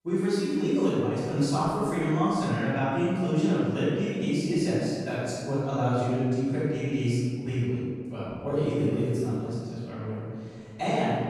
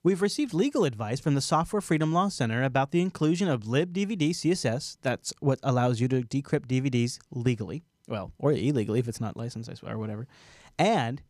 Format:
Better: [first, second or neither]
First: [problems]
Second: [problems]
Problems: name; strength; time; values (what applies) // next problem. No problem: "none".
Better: second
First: off-mic speech; far // room echo; strong; dies away in 1.9 s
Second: none